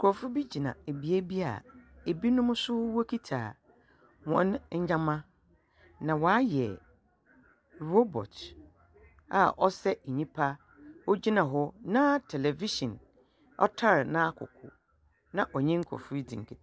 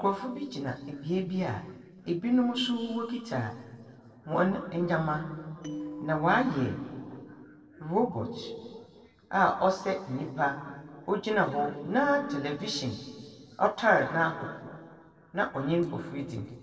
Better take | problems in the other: first | noise reduction (neural separator model SepFormer DNS4)

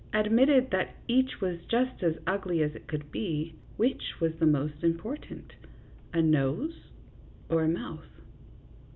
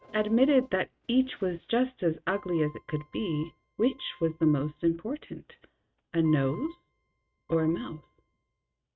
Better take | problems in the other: first | noise reduction (neural mask model RNNoise)

